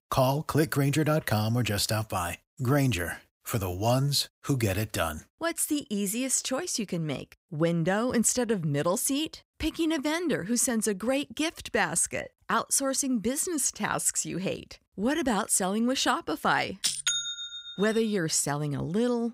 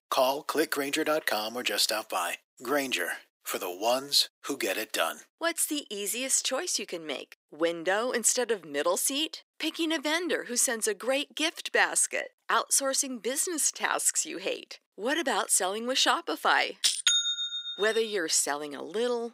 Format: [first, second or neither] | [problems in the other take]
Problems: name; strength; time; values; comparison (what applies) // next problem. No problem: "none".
first | thin; somewhat; fading below 350 Hz